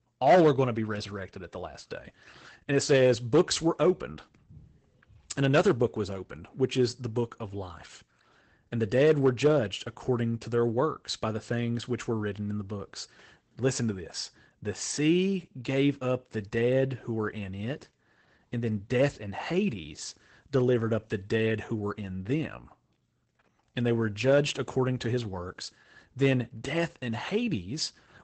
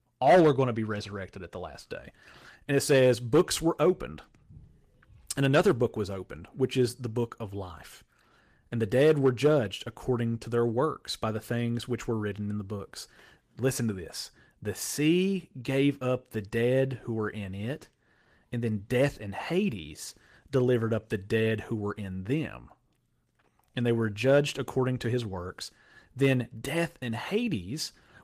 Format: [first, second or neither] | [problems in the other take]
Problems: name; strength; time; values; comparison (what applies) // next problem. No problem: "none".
second | garbled, watery; badly; nothing above 8 kHz; slightly in the second